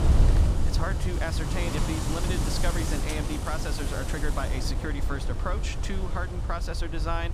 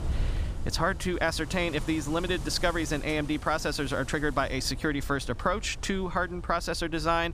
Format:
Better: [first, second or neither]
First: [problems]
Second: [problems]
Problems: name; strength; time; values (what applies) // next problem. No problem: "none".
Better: second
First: wind noise on the microphone; heavy; 3 dB below the speech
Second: wind noise on the microphone; occasional gusts; 20 dB below the speech